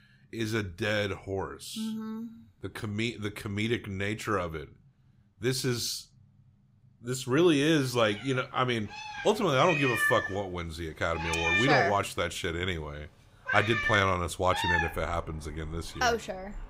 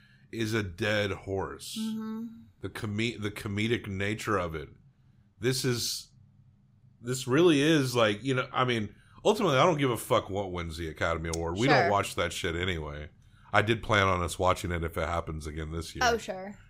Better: second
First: animal sounds; loud; from 7.5 s on; 1 dB below the speech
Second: none

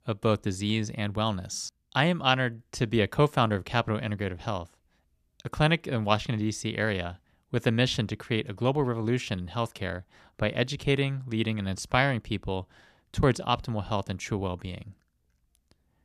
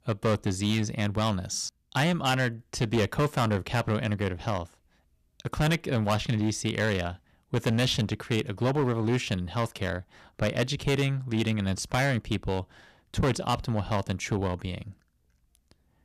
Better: first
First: none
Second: distortion; heavy; 7% of the sound clipped

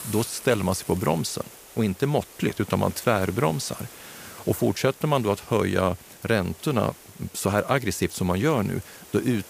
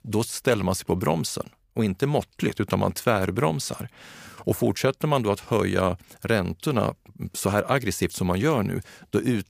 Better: second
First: hiss; noticeable; throughout; 20 dB below the speech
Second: none

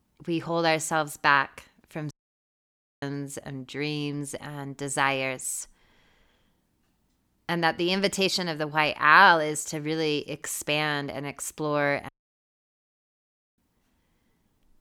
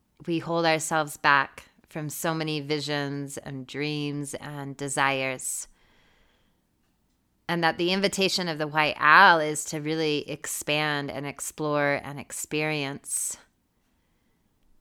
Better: second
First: audio cutting out; at 2 s for 1 s and at 12 s for 1.5 s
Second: none

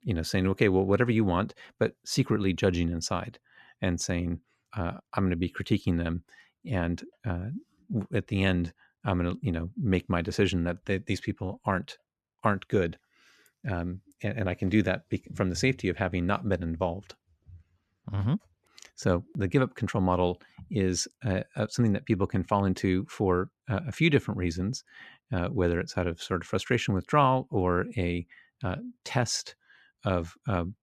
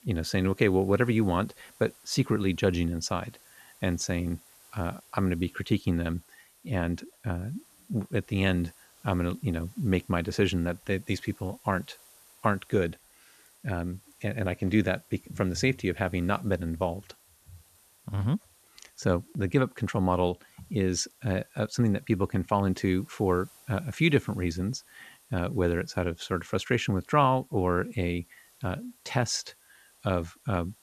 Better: first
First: none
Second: hiss; faint; throughout; 25 dB below the speech

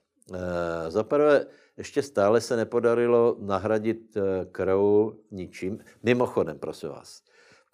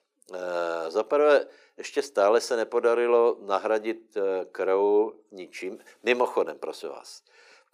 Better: first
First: none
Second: thin; somewhat; fading below 350 Hz

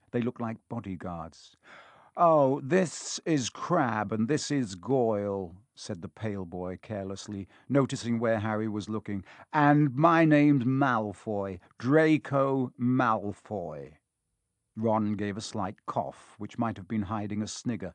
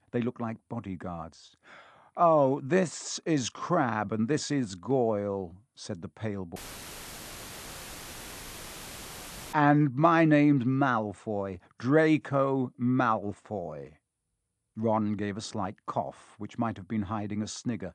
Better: first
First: none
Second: audio cutting out; filled with static; at 6.5 s for 3 s

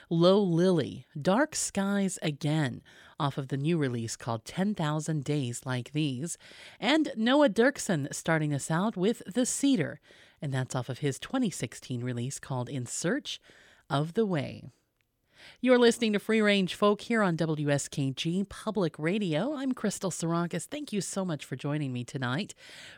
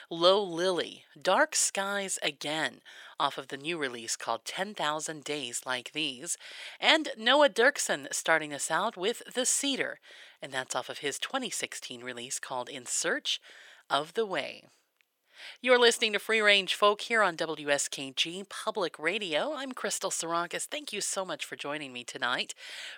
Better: first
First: none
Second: thin; very; fading below 600 Hz

